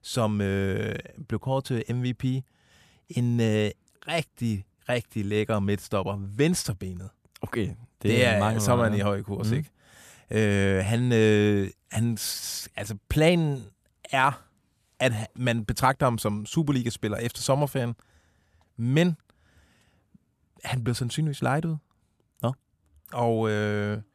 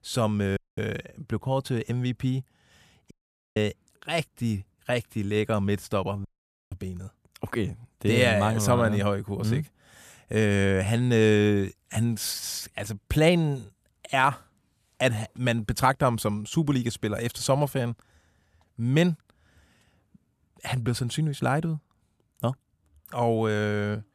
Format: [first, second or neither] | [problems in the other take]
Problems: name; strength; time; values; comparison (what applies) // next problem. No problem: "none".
first | audio cutting out; at 0.5 s, at 3 s and at 6.5 s